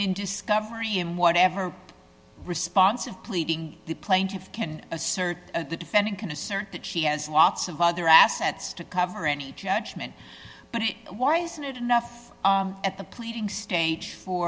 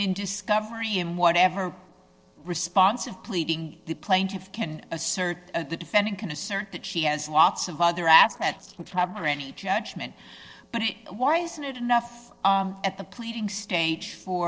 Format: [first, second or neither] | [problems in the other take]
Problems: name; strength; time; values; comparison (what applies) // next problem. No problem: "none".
first | noise reduction (neural separator model SepFormer DNS4)